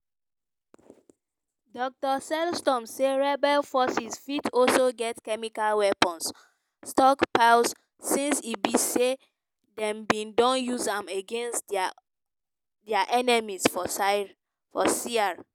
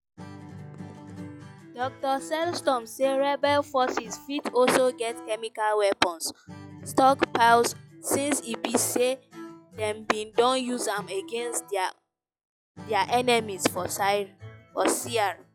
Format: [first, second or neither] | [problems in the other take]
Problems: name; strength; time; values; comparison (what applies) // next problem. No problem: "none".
first | noise reduction (classical method log-MMSE)